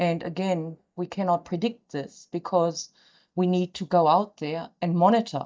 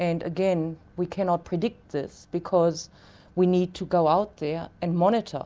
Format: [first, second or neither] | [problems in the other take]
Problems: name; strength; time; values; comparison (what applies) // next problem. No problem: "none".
second | noise reduction (neural mask model DeepFilterNet 3)